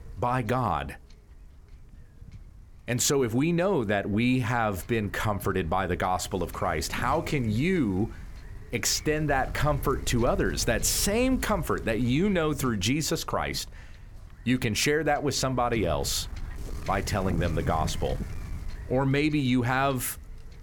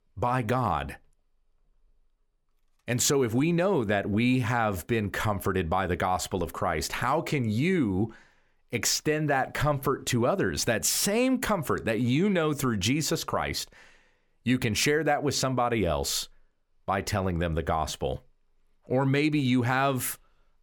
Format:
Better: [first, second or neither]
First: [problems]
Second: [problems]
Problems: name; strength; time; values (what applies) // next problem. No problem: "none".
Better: second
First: wind noise on the microphone; occasional gusts; 20 dB below the speech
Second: none